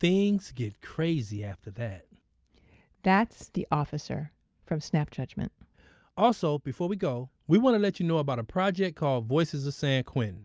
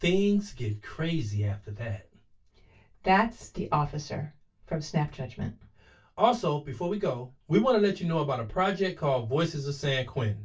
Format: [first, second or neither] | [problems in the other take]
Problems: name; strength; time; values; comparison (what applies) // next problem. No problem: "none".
first | room echo; dies away in 0.2 s